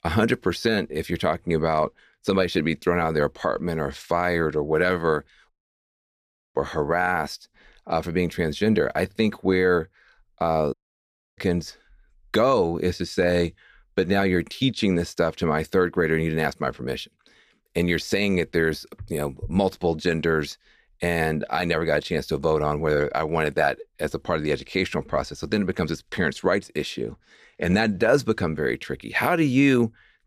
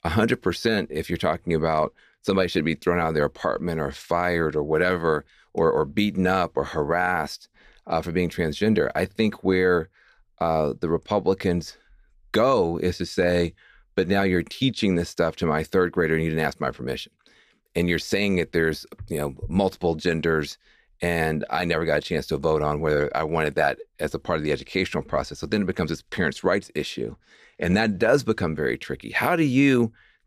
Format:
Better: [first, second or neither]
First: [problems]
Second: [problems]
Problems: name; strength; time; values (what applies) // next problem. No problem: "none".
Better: second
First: audio cutting out; at 5.5 s for 1 s and at 11 s for 0.5 s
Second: none